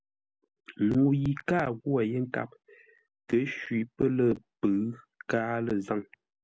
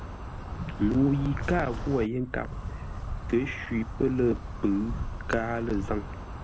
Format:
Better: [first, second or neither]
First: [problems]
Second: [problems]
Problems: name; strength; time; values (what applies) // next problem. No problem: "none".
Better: first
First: none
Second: background sound (Insect); 6 dB below the speech